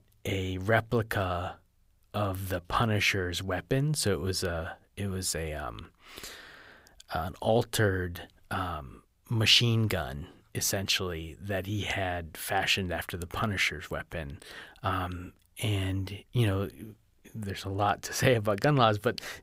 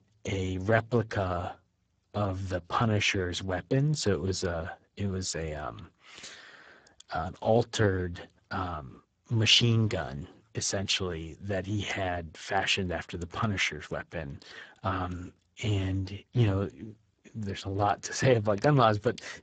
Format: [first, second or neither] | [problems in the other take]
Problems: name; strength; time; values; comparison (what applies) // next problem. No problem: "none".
first | garbled, watery; badly; nothing above 7.5 kHz